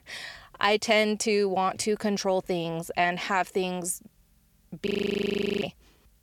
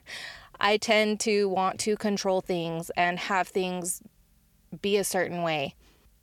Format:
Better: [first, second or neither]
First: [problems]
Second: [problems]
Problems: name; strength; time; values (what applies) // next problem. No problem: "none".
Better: second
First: audio freezing; at 5 s for 1 s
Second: none